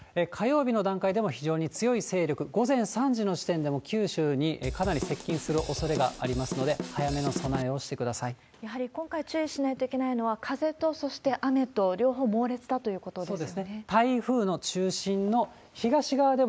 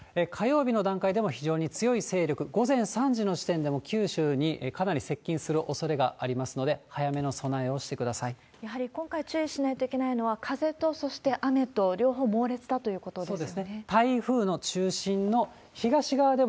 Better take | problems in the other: second | background sound (Drum / Drum kit); 7 dB below the speech

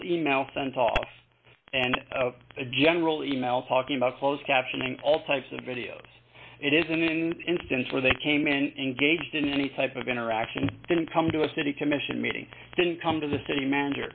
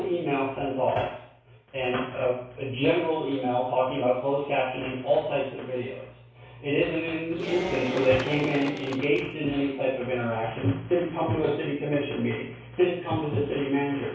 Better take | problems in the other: first | background sound (Applause / Cheering); 9 dB below the speech // room echo; dies away in 0.6 s

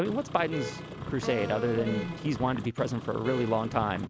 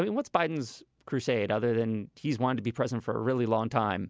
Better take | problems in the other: second | background sound (Wind instrument, woodwind instrument + Vehicle horn, car horn, honking); 7 dB below the speech

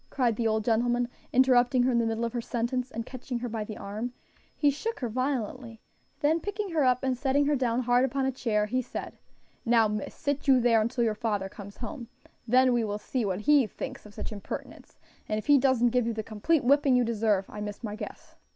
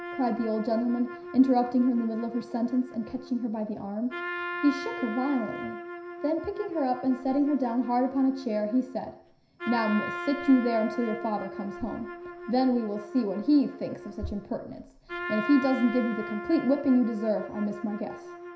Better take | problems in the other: first | background sound (Trumpet); 11 dB below the speech // room echo; dies away in 0.5 s

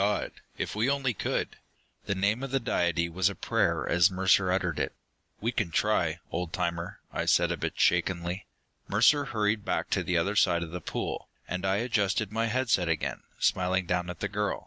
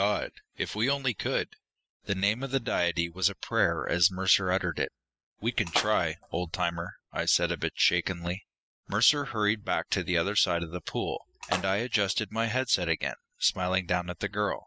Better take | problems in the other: first | noise reduction (classical method spectral subtraction)

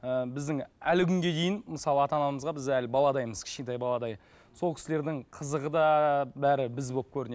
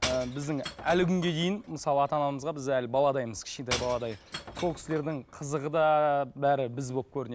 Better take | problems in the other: first | background sound (Shatter / Crushing); 13 dB below the speech

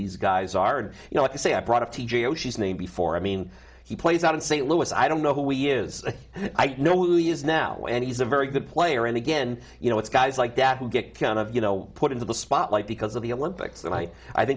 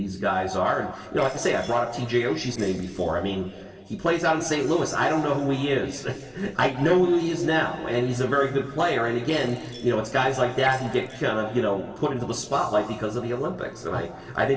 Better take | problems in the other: first | noise reduction (neural separator model SepFormer DNS4)

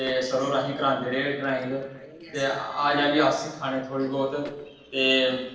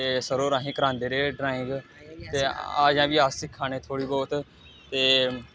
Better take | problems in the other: second | noise reduction (neural separator model SepFormer DNS4)

